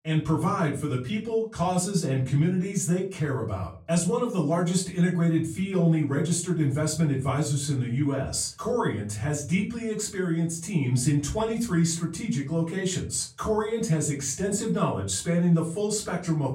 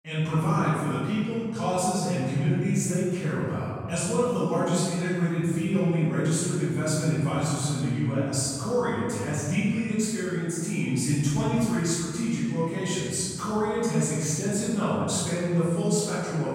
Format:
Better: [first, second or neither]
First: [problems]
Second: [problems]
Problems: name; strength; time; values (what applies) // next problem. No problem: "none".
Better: first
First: room echo; slight; dies away in 0.4 s // off-mic speech; far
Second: room echo; strong; dies away in 1.8 s // off-mic speech; far